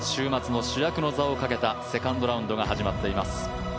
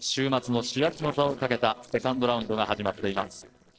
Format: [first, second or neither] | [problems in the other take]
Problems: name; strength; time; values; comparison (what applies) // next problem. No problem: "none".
first | noise reduction (neural separator model SepFormer DNS4)